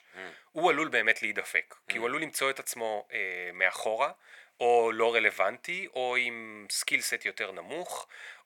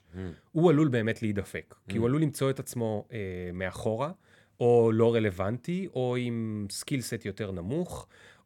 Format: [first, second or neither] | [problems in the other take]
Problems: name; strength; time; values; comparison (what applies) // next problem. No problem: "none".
second | thin; very; fading below 800 Hz